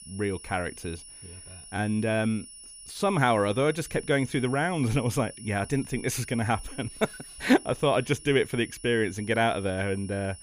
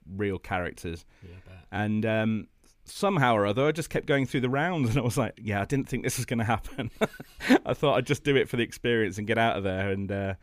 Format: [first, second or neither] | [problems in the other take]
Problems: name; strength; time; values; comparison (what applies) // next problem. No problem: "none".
second | high-pitched whine; noticeable; throughout; 10 kHz, 15 dB below the speech